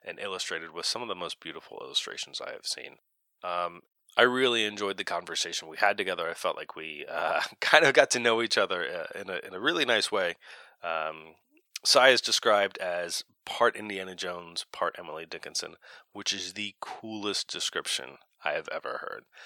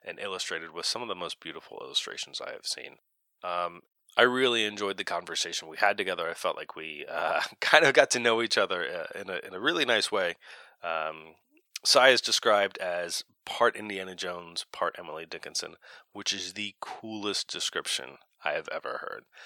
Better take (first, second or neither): neither